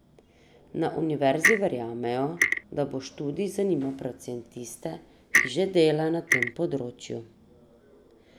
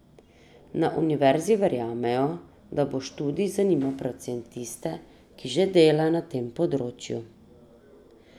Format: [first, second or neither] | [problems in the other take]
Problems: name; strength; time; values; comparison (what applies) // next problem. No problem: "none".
second | background sound (Clock); as loud as the speech